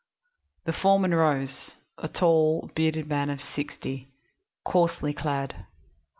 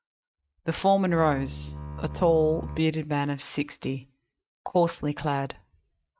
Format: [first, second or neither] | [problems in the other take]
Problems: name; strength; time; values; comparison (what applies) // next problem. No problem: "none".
first | noise reduction (neural mask model RNNoise)